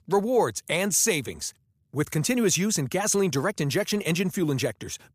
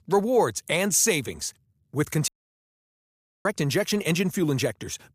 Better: first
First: none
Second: audio cutting out; at 2.5 s for 1 s

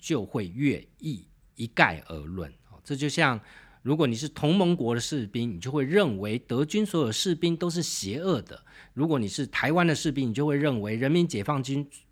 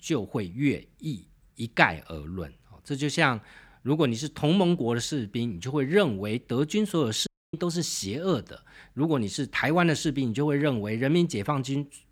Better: first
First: none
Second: audio cutting out; at 7.5 s

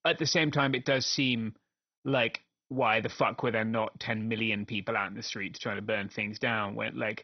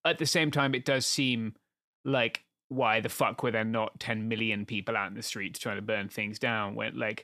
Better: second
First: garbled, watery; badly; nothing above 6 kHz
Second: none

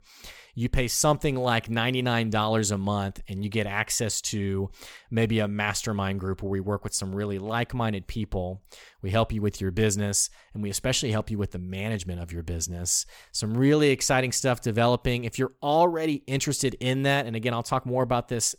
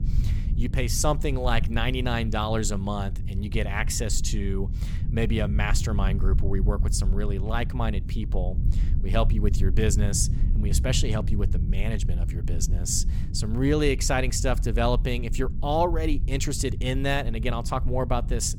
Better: first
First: none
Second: low rumble; noticeable; throughout; 15 dB below the speech

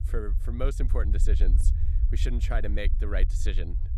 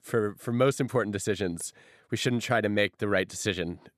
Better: second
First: low rumble; noticeable; throughout; 10 dB below the speech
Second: none

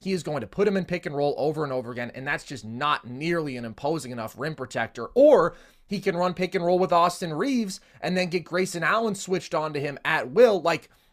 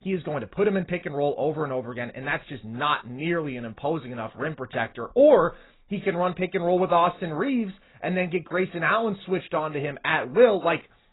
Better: first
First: none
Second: garbled, watery; badly; nothing above 4 kHz

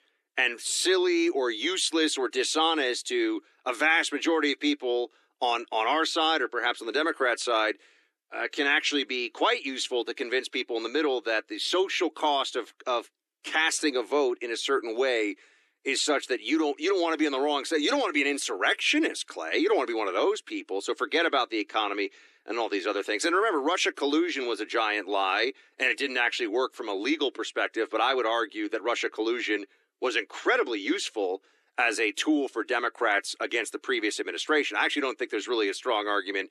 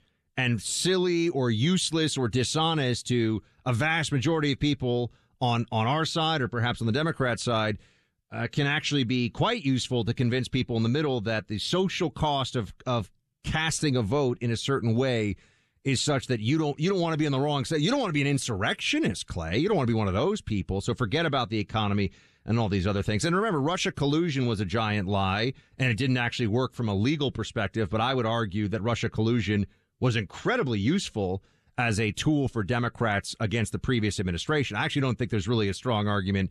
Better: second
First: thin; somewhat; fading below 300 Hz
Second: none

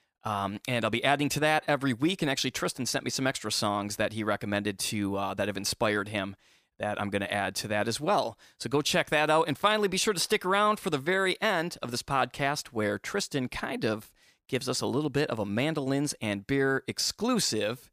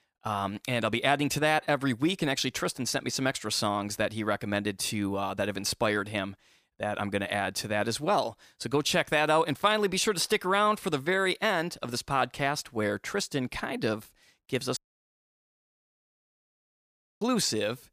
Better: first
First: none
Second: audio cutting out; at 15 s for 2.5 s

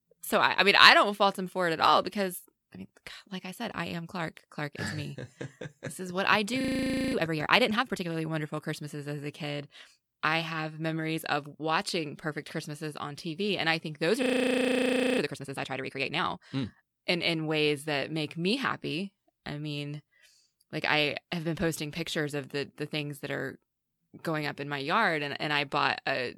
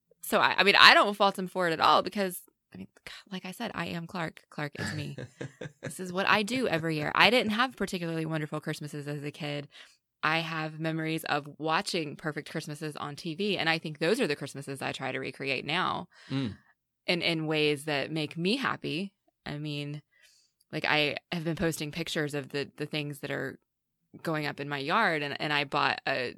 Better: second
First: audio freezing; at 6.5 s for 0.5 s and at 14 s for 1 s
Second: none

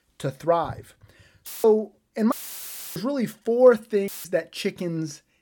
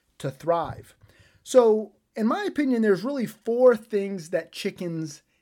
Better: second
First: audio cutting out; filled with static; at 1.5 s, at 2.5 s for 0.5 s and at 4 s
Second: none

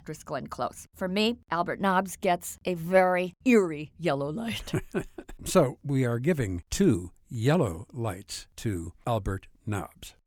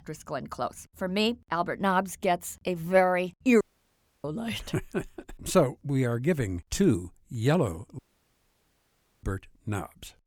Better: first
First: none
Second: audio cutting out; at 3.5 s for 0.5 s and at 8 s for 1 s

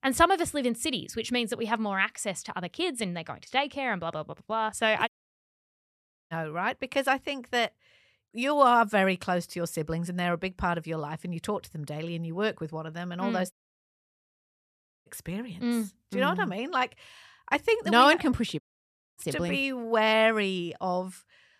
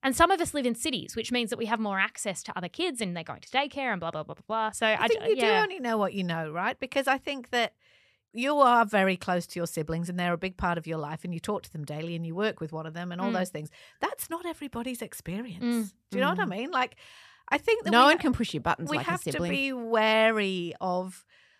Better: second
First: audio cutting out; at 5 s for 1 s, at 14 s for 1.5 s and at 19 s for 0.5 s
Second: none

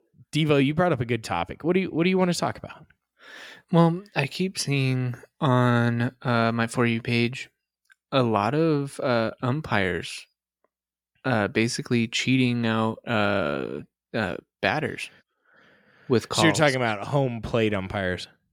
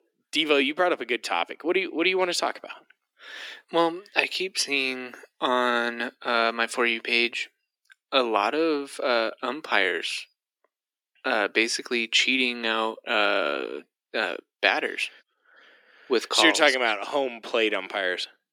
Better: first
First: none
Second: thin; somewhat; fading below 300 Hz

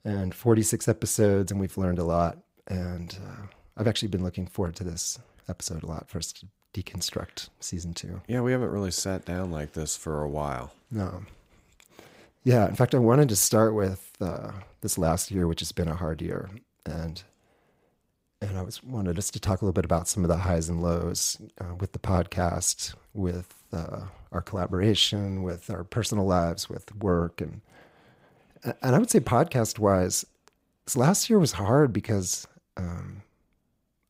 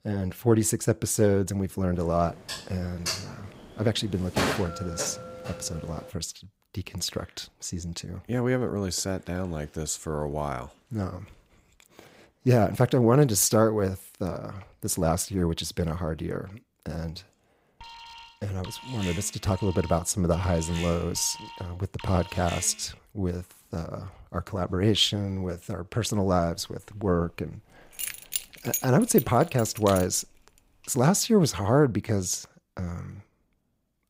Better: first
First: none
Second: clattering dishes; noticeable; from 2.5 to 5.5 s; peak level with the speech // alarm; noticeable; from 18 to 23 s; peak 10 dB below the speech // jangling keys; noticeable; from 28 to 30 s; peak 3 dB below the speech

